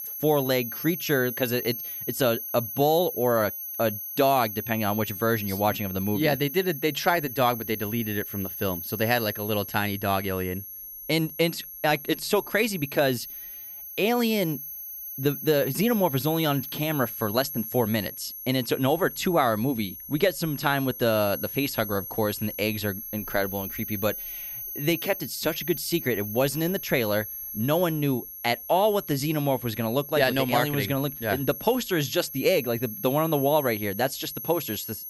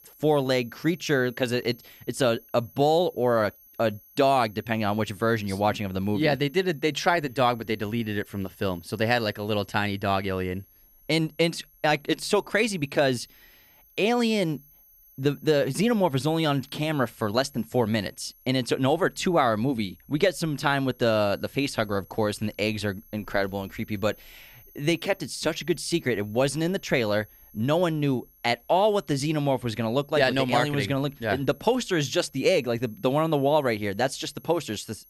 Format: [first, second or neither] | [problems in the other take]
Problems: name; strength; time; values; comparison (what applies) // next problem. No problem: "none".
second | high-pitched whine; loud; throughout; 11.5 kHz, 8 dB below the speech; faint in the second